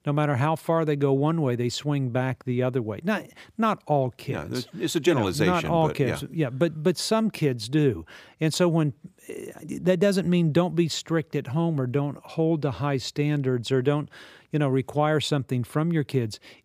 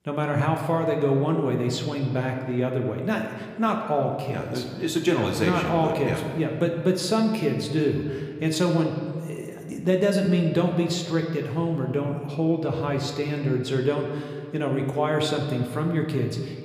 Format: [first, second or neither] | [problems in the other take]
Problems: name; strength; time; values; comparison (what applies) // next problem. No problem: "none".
first | room echo; slight; dies away in 1.5 s